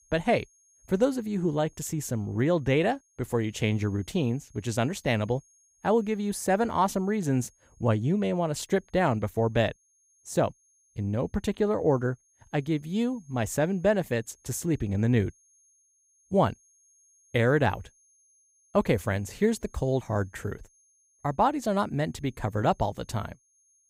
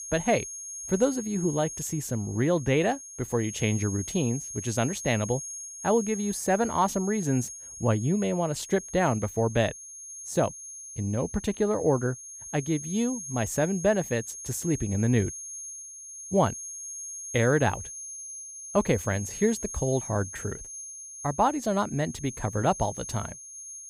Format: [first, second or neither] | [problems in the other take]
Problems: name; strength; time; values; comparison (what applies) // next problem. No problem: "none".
first | high-pitched whine; loud; throughout; 6.5 kHz, 10 dB below the speech; faint in the first